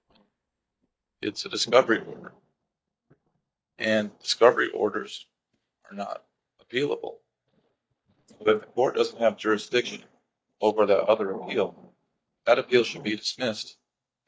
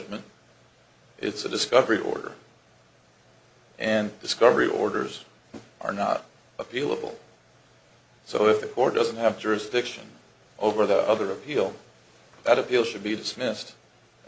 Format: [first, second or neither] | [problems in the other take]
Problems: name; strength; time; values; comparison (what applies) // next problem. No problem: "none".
second | noise reduction (neural mask model DeepFilterNet 3)